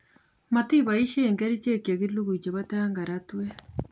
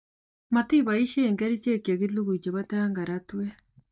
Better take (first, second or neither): first